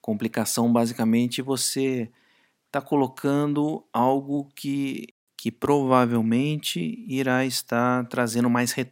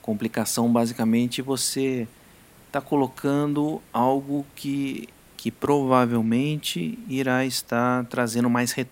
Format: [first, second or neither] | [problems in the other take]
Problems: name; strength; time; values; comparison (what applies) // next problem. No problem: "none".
first | hiss; faint; throughout; 30 dB below the speech